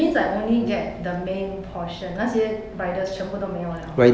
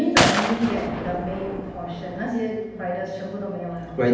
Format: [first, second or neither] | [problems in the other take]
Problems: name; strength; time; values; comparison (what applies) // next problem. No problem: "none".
first | background sound (Gunshot, gunfire); 1 dB below the speech // room echo; dies away in 0.8 s